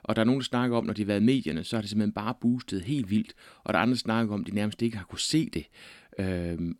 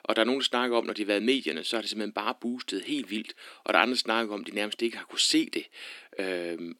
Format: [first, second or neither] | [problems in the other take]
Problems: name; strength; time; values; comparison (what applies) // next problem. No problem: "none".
first | thin; somewhat; fading below 350 Hz